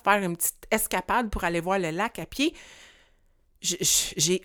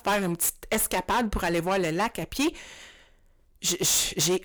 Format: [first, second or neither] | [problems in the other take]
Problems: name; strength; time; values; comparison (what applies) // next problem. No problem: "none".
first | distortion; heavy; 12% of the sound clipped